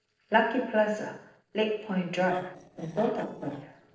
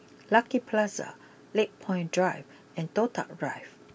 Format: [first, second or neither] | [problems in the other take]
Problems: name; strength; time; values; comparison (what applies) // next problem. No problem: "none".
second | noise reduction (neural separator model SepFormer DNS4)